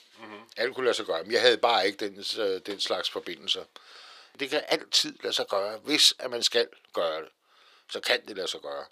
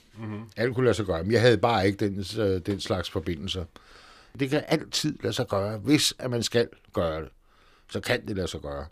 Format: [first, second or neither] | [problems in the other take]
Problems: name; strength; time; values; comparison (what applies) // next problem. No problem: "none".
second | thin; very; fading below 550 Hz